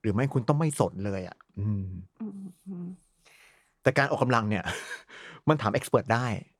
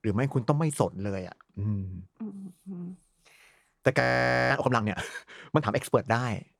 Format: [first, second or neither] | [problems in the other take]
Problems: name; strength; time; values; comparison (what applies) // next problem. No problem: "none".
first | audio freezing; at 4 s for 0.5 s